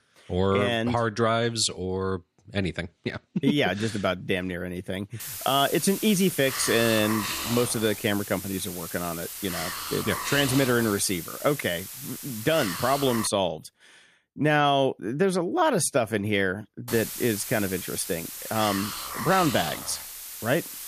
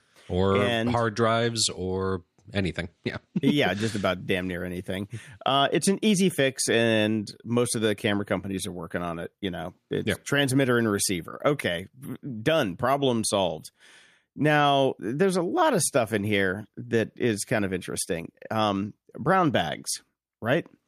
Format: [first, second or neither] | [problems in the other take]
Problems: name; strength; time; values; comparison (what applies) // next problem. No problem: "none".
second | hiss; loud; from 5 to 13 s and from 17 s on; 7 dB below the speech